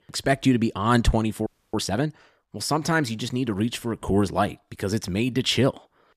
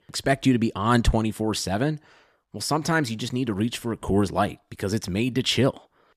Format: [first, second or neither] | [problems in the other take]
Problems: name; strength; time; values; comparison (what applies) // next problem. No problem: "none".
second | audio freezing; at 1.5 s